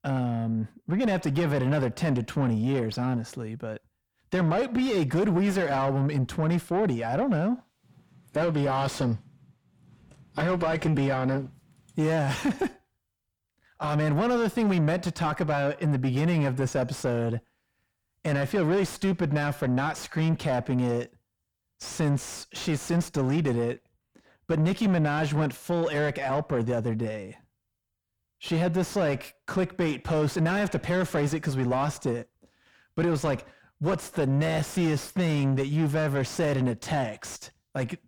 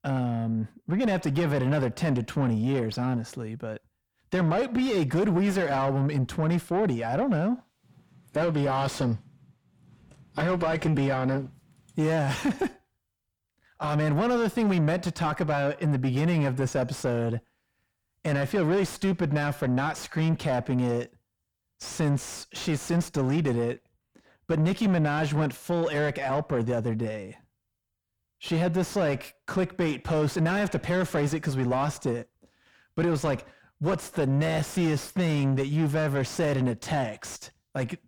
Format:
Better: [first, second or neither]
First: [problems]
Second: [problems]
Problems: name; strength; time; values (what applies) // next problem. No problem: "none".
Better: neither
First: distortion; heavy; 7 dB below the speech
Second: distortion; heavy; 7 dB below the speech